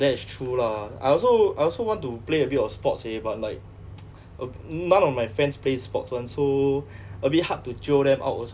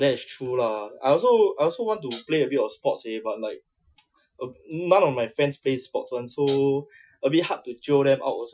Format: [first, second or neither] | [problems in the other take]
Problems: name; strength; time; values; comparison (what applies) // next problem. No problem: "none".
first | noise reduction (classical method Wiener filter)